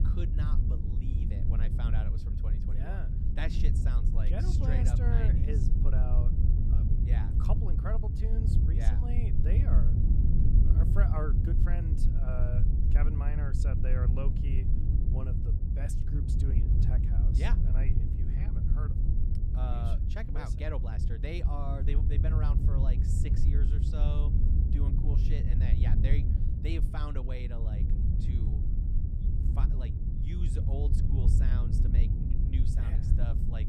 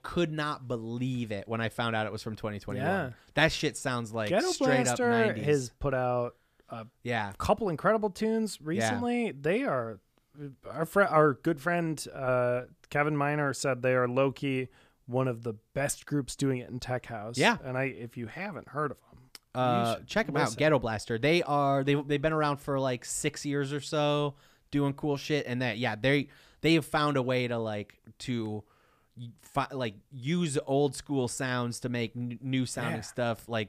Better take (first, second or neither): second